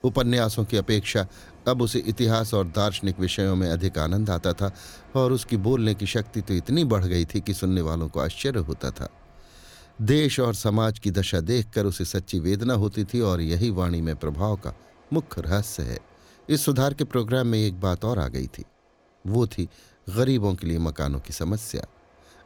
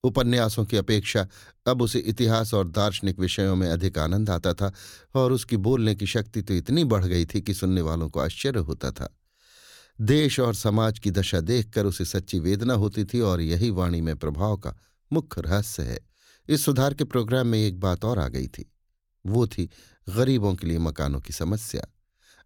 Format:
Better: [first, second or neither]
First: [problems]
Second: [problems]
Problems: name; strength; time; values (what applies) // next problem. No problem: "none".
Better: second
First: train or aircraft noise; faint; throughout; 30 dB below the speech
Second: none